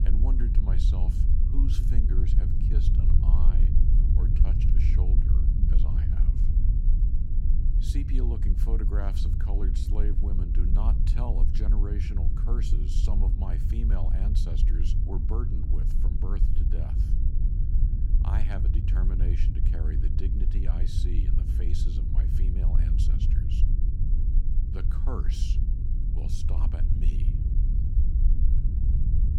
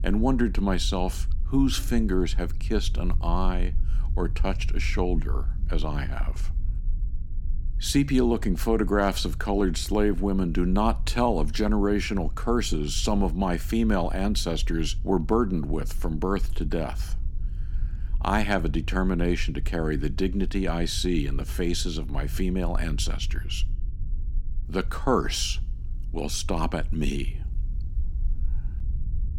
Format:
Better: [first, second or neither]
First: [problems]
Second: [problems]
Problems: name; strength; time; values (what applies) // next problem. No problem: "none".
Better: second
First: low rumble; loud; throughout; as loud as the speech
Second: low rumble; faint; throughout; 25 dB below the speech